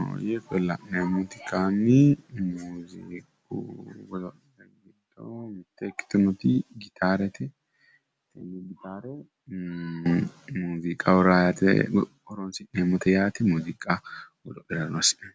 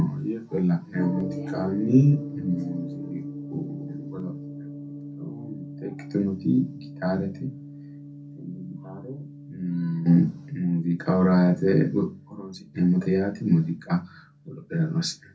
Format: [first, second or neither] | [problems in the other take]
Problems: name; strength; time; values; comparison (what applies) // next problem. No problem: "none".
first | background sound (Gong); 13 dB below the speech // room echo; dies away in 0.3 s